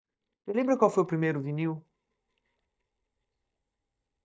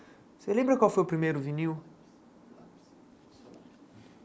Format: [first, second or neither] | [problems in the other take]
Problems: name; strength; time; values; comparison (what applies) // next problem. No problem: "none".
second | noise reduction (neural mask model DeepFilterNet 3)